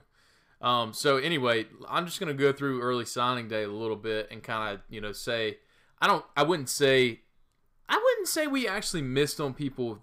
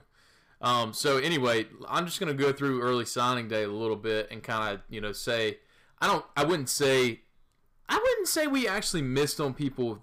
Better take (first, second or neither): first